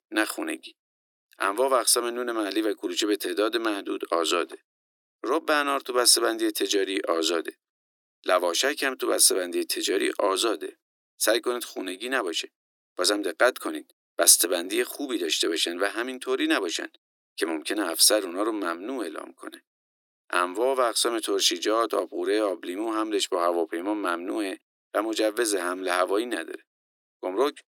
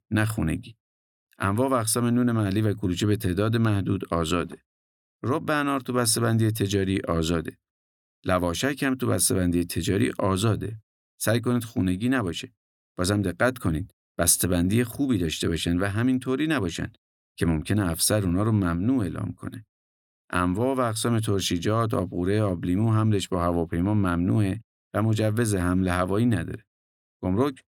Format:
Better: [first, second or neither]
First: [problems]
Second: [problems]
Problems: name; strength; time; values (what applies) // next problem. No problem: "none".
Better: second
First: thin; very; fading below 300 Hz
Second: none